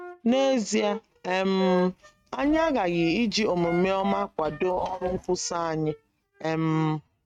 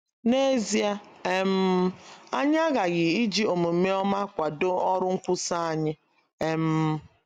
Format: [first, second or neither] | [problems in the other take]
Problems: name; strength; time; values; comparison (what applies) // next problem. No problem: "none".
second | noise reduction (neural mask model RNNoise)